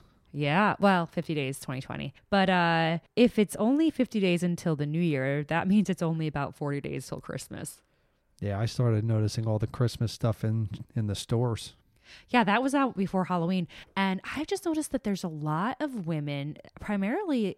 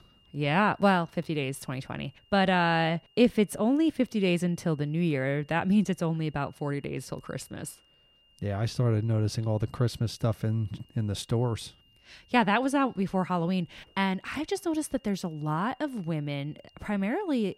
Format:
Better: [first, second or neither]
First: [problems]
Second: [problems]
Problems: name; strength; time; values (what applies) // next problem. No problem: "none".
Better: first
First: none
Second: high-pitched whine; faint; throughout; 3 kHz, 35 dB below the speech